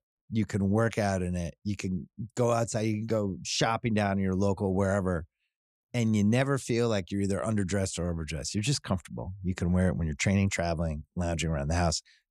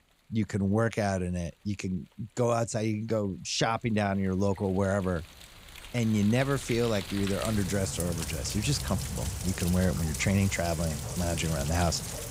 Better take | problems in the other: first | rain or running water; loud; throughout; 7 dB below the speech

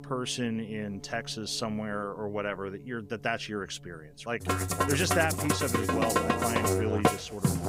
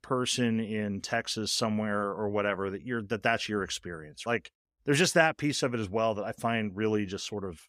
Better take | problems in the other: second | background music; very loud; throughout; 4 dB above the speech

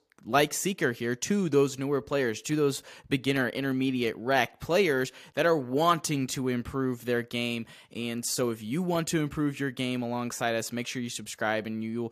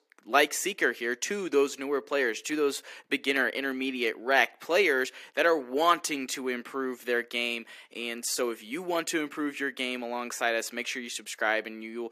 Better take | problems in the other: first | thin; somewhat; fading below 300 Hz

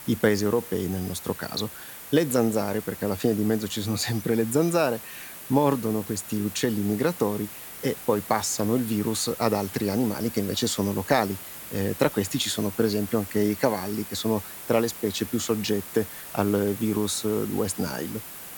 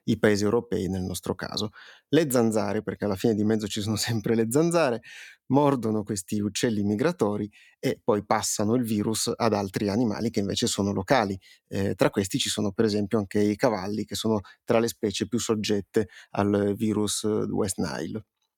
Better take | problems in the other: second | hiss; noticeable; throughout; 10 dB below the speech

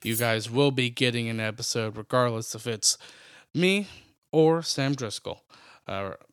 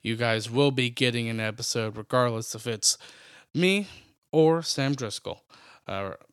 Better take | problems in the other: second | clattering dishes; noticeable; at the start; peak 7 dB below the speech

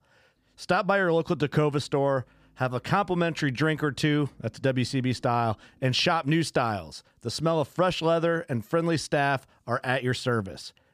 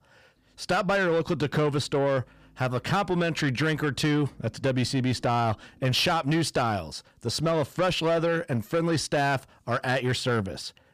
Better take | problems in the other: first | distortion; slight; 10 dB below the speech

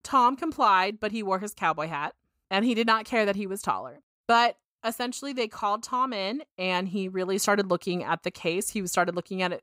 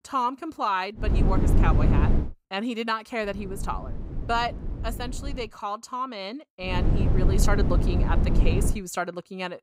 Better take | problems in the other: first | low rumble; loud; from 1 to 2 s, from 3.5 to 5.5 s and from 6.5 to 8.5 s; 6 dB below the speech

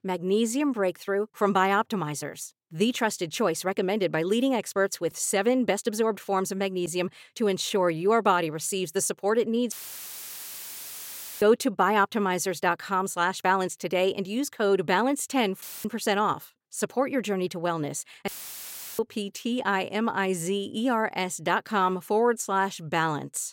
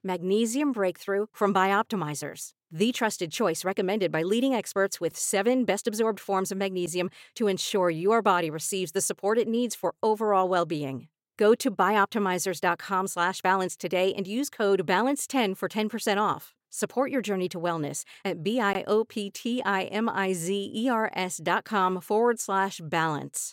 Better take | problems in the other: second | audio cutting out; filled with static; at 9.5 s for 1.5 s, at 16 s and at 18 s for 0.5 s

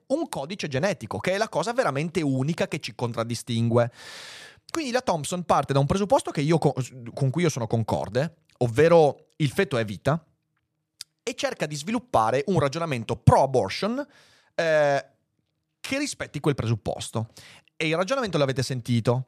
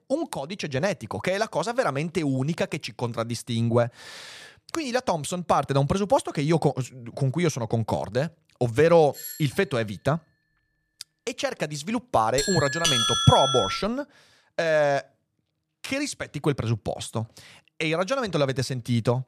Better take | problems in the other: first | doorbell; faint; at 9 s; peak 10 dB below the speech // doorbell; loud; from 12 to 14 s; peak 5 dB above the speech

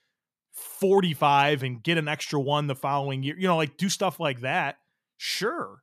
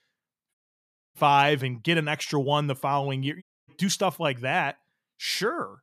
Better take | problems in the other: first | audio cutting out; at 0.5 s for 0.5 s and at 3.5 s

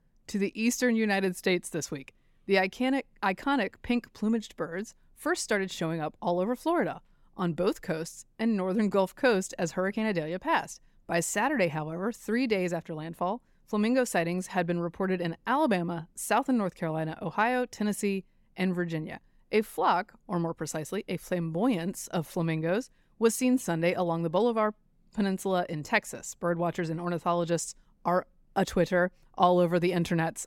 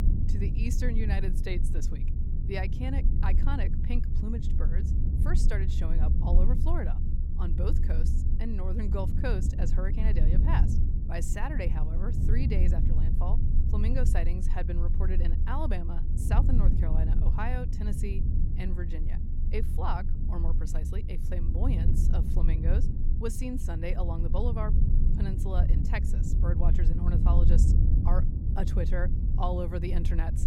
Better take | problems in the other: first | low rumble; loud; throughout; 5 dB below the speech

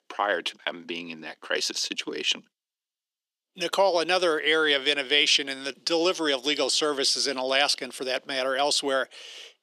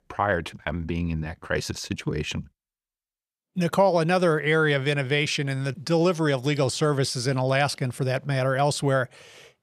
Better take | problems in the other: second | thin; somewhat; fading below 250 Hz

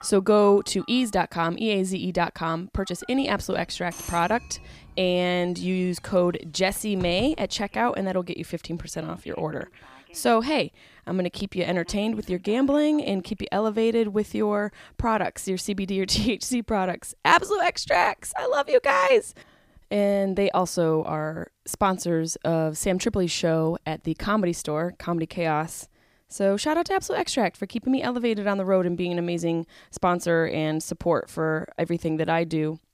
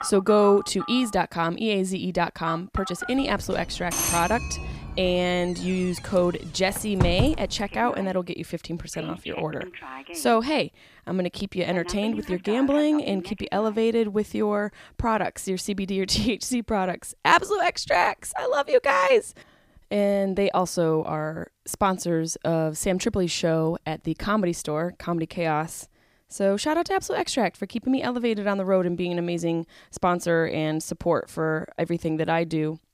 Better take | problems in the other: first | alarms or sirens; loud; until 14 s; 9 dB below the speech; faint in the first

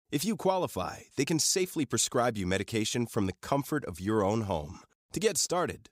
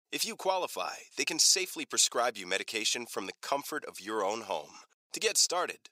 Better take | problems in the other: first | thin; somewhat; fading below 550 Hz

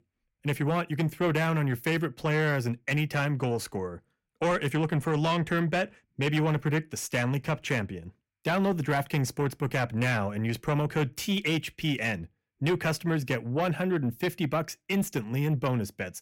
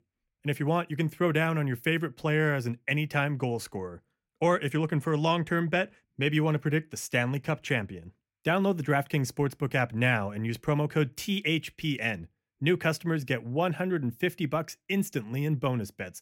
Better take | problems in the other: second | distortion; slight; 10 dB below the speech

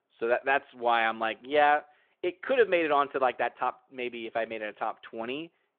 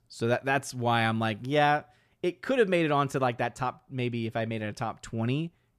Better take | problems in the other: second | phone-call audio

